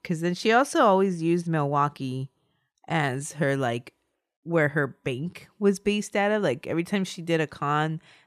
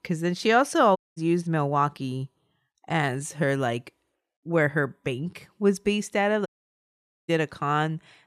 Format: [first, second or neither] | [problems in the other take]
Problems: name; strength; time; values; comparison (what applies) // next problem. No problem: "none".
first | audio cutting out; at 1 s and at 6.5 s for 1 s